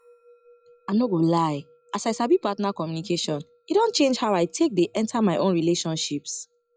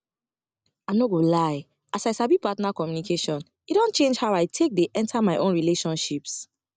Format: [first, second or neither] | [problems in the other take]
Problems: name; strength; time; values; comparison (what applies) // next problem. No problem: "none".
second | noise reduction (classical method log-MMSE)